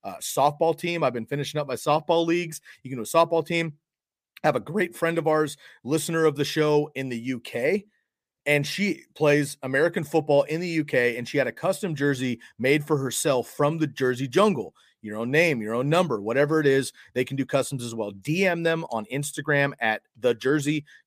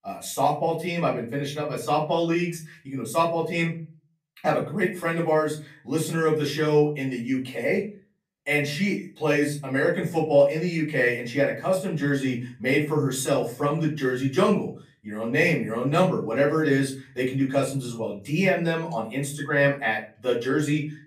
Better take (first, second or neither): first